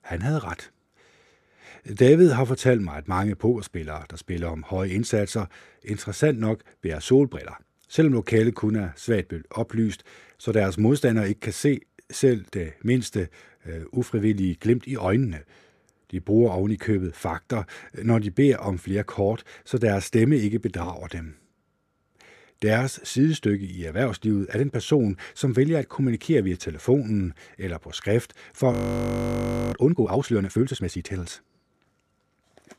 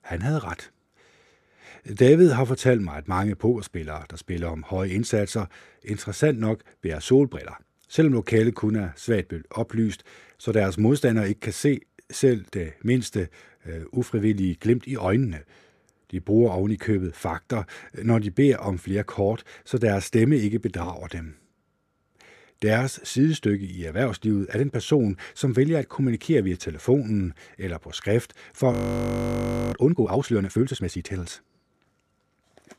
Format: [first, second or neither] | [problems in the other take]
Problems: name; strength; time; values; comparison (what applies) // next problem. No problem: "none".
neither | audio freezing; at 29 s for 1 s; the same in both